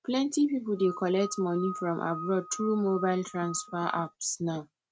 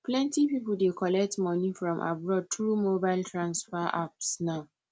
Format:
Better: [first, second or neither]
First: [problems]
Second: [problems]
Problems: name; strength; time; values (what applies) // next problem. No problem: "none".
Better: second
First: noise reduction (neural mask model RNNoise)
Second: none